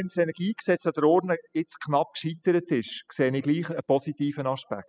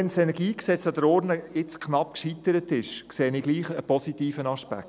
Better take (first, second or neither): second